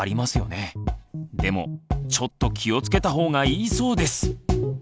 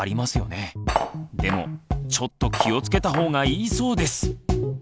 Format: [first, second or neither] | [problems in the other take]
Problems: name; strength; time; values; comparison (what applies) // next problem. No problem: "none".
first | background sound (Cutlery, silverware); 6 dB below the speech